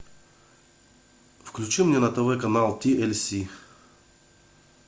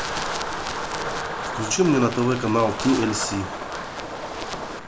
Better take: first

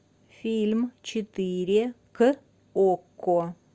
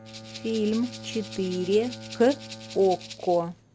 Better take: first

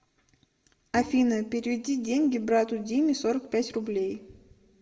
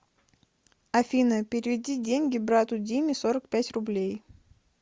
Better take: second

